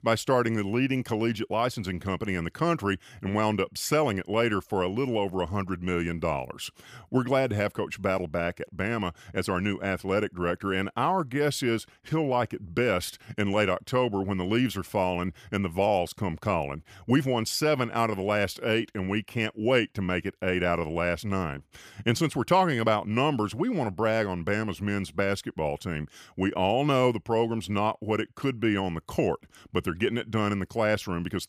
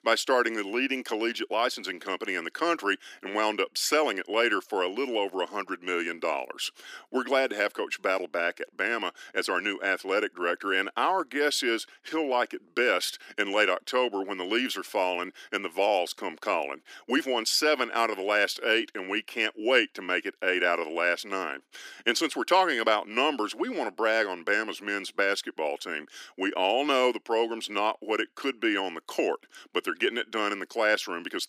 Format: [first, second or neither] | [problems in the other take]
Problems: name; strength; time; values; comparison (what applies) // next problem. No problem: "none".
first | thin; somewhat; fading below 300 Hz